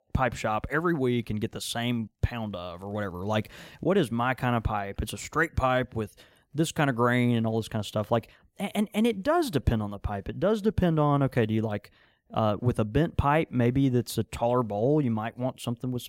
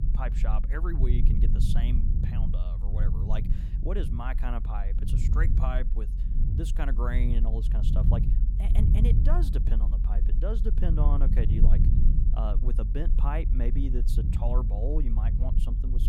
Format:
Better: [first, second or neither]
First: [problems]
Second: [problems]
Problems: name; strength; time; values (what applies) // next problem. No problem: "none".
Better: first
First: none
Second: low rumble; loud; throughout; 5 dB below the speech